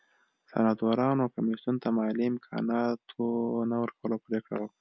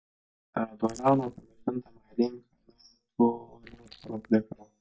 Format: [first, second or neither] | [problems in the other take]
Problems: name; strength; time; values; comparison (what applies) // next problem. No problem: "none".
first | noise reduction (neural mask model DeepFilterNet 3)